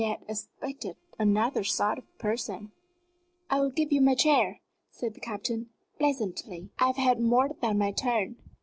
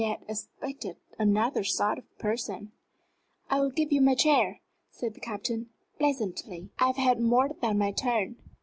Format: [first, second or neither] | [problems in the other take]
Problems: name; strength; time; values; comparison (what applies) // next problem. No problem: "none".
second | noise reduction (neural separator model SepFormer DNS4)